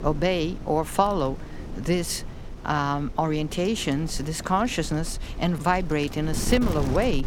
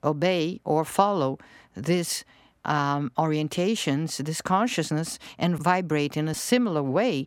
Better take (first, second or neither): second